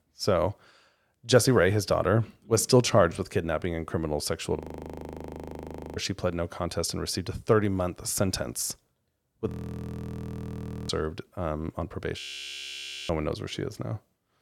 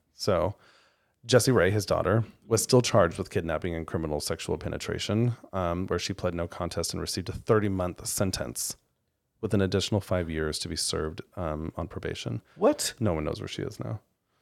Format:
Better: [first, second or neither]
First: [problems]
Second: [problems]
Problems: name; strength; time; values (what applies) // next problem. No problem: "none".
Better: second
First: audio freezing; at 4.5 s for 1.5 s, at 9.5 s for 1.5 s and at 12 s for 1 s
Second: none